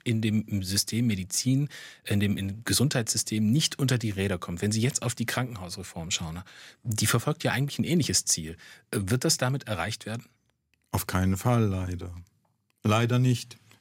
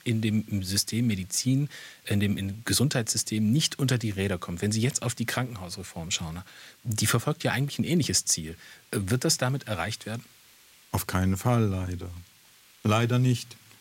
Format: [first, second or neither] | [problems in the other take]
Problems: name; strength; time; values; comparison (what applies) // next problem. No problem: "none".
first | hiss; faint; throughout; 30 dB below the speech